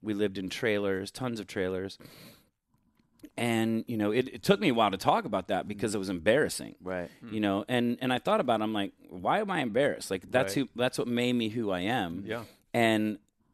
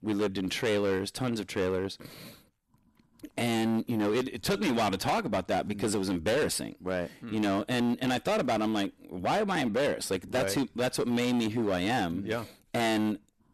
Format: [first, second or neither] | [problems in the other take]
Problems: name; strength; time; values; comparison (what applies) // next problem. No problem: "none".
first | distortion; heavy; 16% of the sound clipped